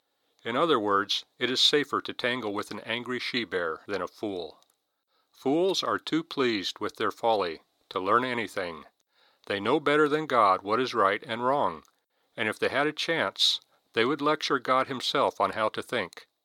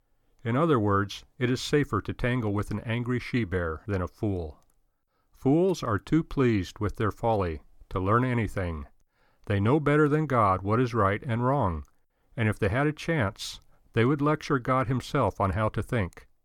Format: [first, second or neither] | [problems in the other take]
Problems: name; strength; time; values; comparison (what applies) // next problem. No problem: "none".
second | thin; somewhat; fading below 400 Hz